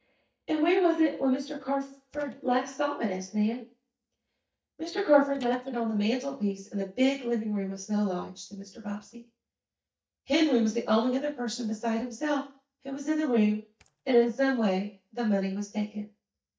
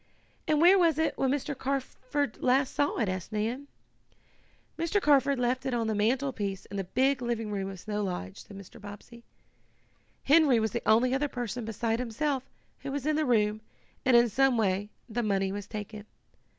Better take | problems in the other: second | noise reduction (neural mask model DeepFilterNet 3)

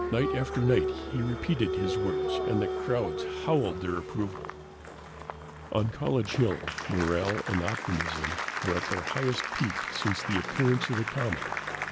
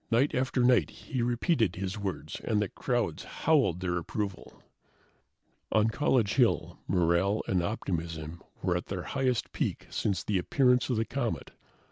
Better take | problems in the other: second | background sound (Applause); 3 dB below the speech

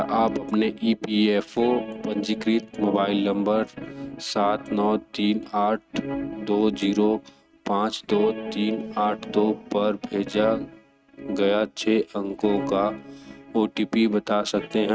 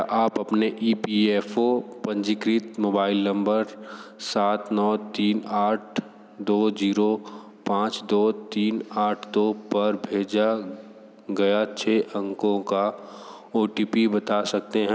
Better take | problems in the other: second | noise reduction (neural mask model RNNoise)

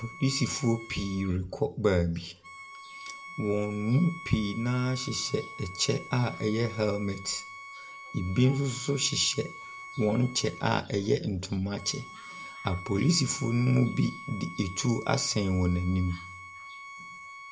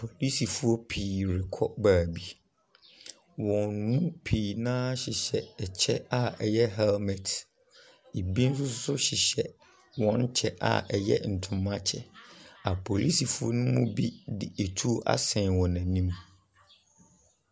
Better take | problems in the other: second | background sound (Bowed string instrument); 15 dB below the speech // room echo; dies away in 0.4 s

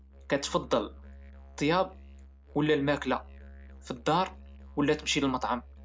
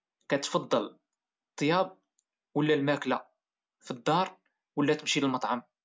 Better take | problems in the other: second | background sound (Musical instrument); 18 dB below the speech

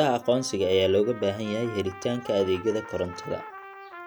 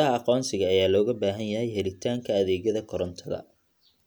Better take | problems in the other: second | background sound (Trumpet); 16 dB below the speech

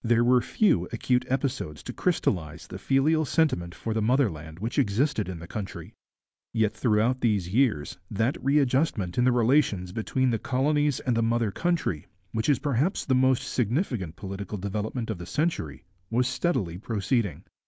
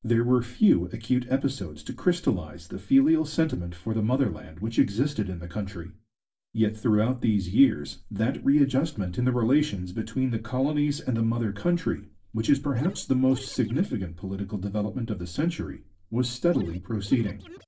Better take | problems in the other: first | noise reduction (neural separator model SepFormer DNS4)

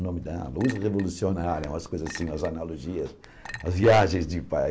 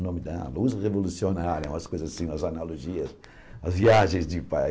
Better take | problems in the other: second | background sound (Chink, clink); 19 dB below the speech

